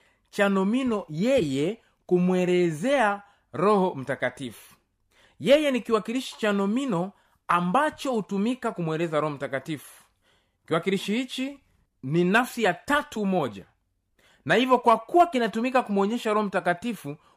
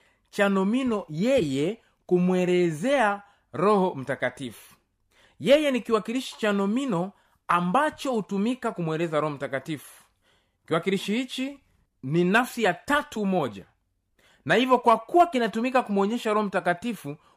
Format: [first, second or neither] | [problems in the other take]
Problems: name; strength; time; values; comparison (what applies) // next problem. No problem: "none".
neither | none